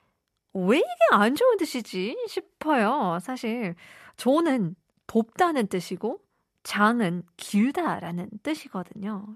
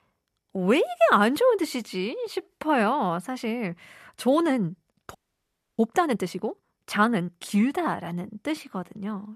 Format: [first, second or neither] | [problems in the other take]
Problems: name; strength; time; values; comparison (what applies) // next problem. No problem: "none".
first | audio freezing; at 5 s for 0.5 s